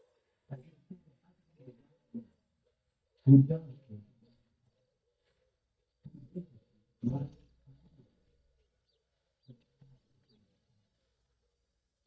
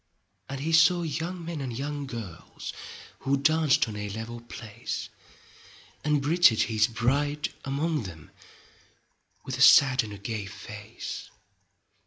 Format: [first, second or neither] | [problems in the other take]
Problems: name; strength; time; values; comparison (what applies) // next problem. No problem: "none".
second | noise reduction (neural mask model DeepFilterNet 3)